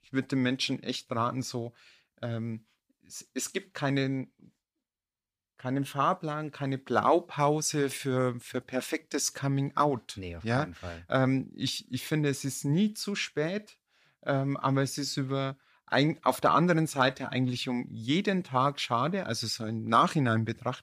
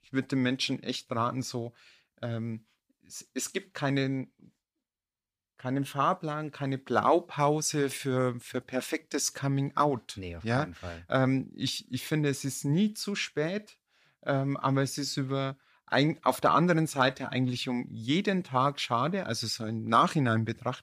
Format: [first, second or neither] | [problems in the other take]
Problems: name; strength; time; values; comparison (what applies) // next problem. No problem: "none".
neither | none